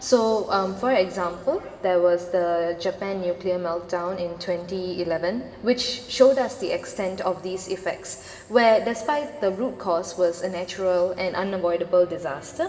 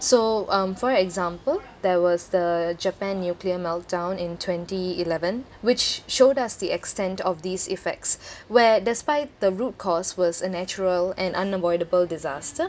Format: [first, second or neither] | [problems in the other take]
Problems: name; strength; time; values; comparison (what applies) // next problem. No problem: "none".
second | room echo; dies away in 2.5 s